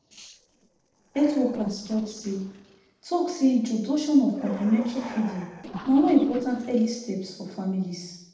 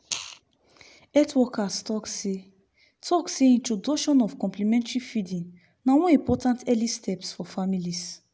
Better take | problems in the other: second | noise reduction (neural separator model SepFormer DNS4)

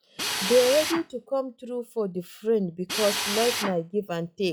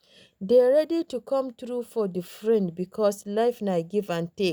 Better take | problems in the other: second | noise reduction (classical method log-MMSE)

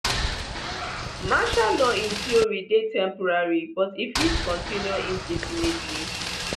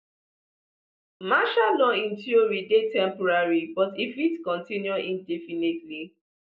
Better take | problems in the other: second | background sound (Boat, Water vehicle); 3 dB below the speech

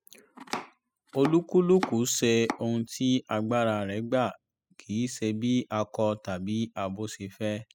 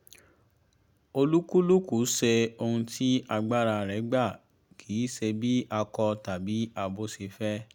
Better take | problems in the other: second | noise reduction (classical method spectral subtraction)

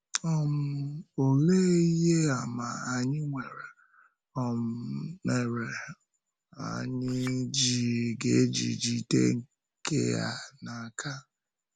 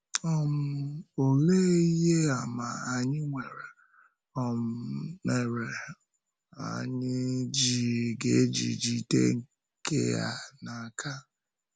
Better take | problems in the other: second | background sound (Chink, clink); 19 dB below the speech

